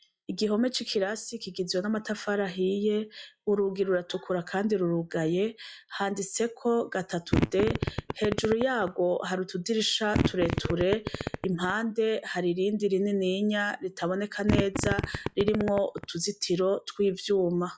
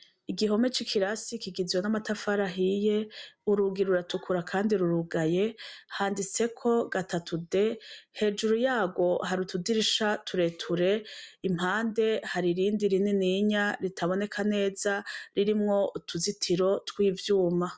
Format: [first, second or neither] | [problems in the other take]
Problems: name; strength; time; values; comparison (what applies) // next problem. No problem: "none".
second | noise reduction (classical method log-MMSE)